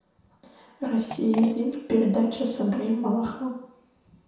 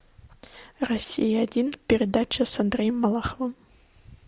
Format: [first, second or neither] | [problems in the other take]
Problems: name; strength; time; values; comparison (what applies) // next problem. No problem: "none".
second | background sound (Fart); 14 dB below the speech // room echo; dies away in 0.7 s